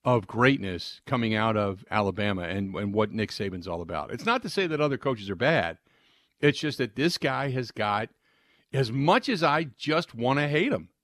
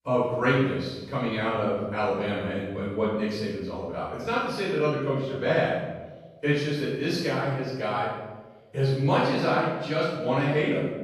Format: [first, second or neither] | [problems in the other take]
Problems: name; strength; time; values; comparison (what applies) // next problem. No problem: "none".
first | off-mic speech; far // room echo; strong; dies away in 1 s